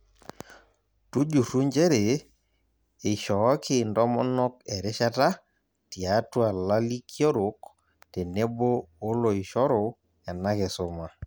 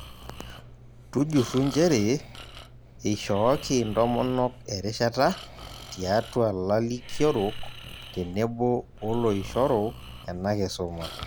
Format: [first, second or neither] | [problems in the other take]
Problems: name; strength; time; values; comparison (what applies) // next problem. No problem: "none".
first | background sound (Breathing); 13 dB below the speech